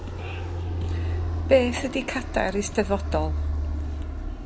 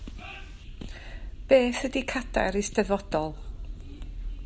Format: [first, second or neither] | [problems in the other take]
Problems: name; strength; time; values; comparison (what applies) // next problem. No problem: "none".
second | background sound (Fixed-wing aircraft, airplane); 2 dB below the speech